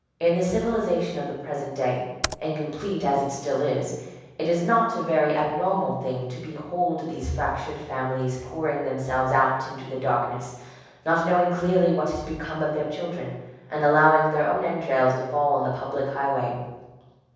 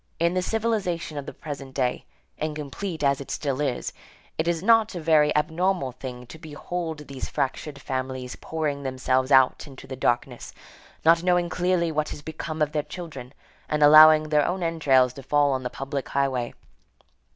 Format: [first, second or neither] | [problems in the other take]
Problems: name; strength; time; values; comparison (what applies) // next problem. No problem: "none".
second | background sound (Computer keyboard); 11 dB below the speech // room echo; dies away in 1.1 s